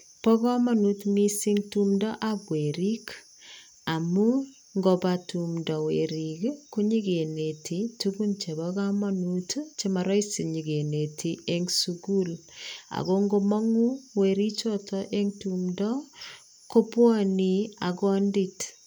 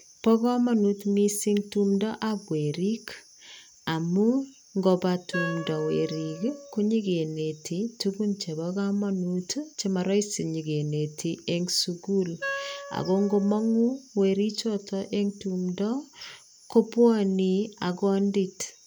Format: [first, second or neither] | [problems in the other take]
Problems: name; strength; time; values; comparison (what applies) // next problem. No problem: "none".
first | background sound (Wind instrument, woodwind instrument); 12 dB below the speech